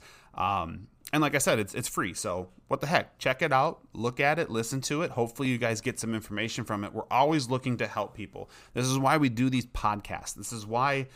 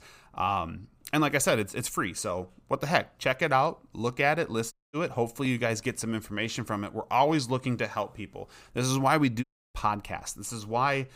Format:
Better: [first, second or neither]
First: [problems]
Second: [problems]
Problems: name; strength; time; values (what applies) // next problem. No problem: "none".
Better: first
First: none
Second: audio cutting out; at 4.5 s and at 9.5 s